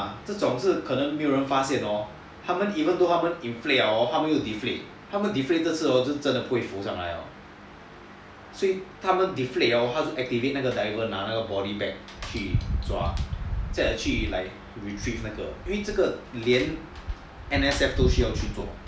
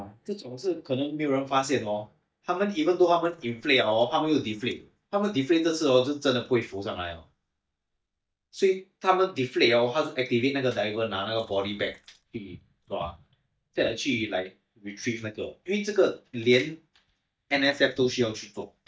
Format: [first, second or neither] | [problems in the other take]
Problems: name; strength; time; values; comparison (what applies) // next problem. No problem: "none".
first | noise reduction (neural mask model DeepFilterNet 3)